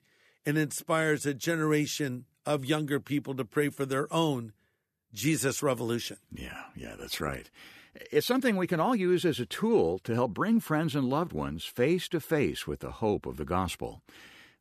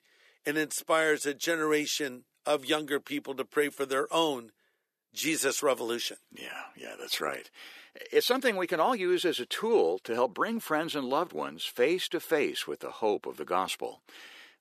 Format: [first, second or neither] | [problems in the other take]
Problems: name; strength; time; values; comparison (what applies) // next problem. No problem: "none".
first | thin; somewhat; fading below 450 Hz